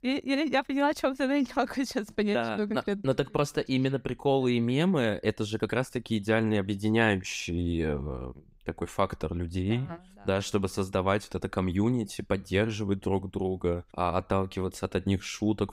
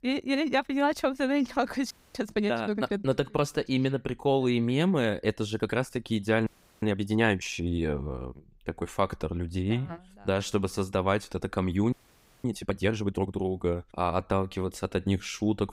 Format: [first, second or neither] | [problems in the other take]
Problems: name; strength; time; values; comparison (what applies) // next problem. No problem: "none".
first | audio freezing; at 2 s, at 6.5 s and at 12 s for 0.5 s